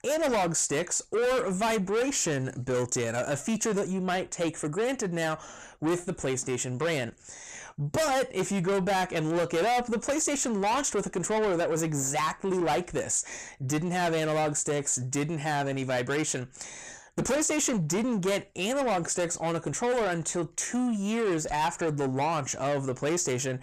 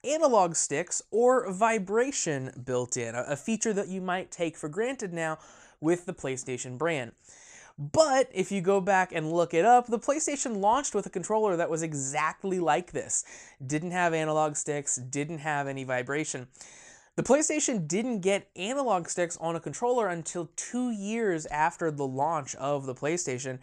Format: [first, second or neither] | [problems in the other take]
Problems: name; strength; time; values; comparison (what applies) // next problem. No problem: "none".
second | distortion; heavy; 6 dB below the speech